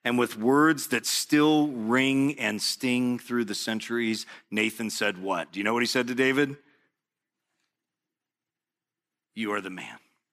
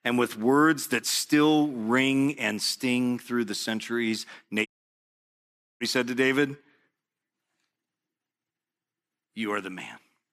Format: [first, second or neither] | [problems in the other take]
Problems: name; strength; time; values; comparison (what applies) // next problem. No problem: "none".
first | audio cutting out; at 4.5 s for 1 s